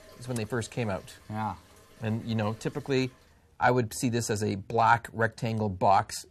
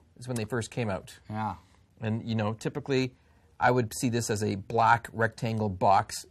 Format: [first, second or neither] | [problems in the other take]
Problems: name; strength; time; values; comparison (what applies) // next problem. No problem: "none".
second | household noises; faint; throughout; 25 dB below the speech